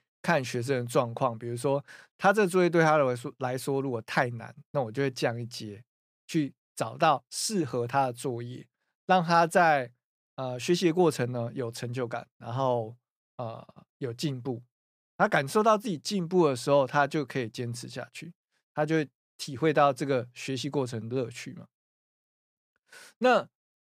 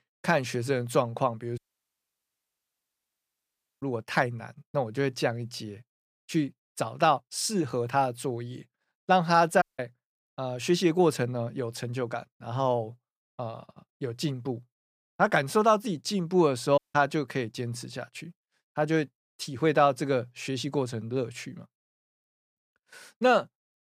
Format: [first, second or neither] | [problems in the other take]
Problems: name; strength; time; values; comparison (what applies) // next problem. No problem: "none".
first | audio cutting out; at 1.5 s for 2 s, at 9.5 s and at 17 s